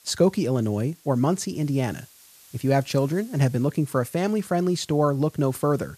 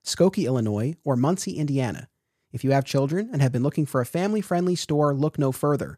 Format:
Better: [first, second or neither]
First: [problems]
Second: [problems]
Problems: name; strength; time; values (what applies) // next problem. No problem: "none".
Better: second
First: hiss; faint; throughout; 25 dB below the speech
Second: none